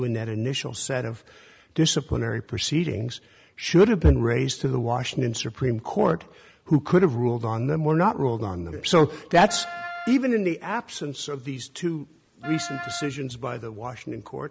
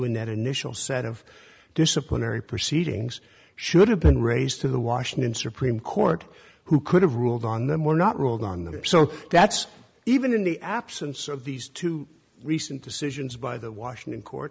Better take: second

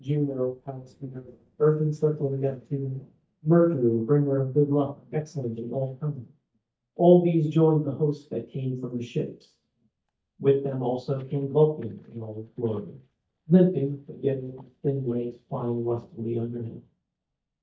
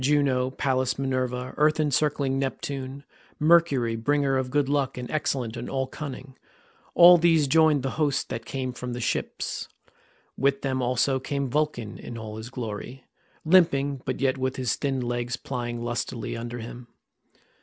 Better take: second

